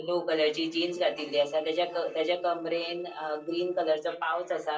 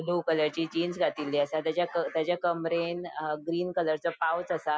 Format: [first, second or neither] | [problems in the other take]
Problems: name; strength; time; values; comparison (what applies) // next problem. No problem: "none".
second | noise reduction (neural separator model SepFormer DNS4)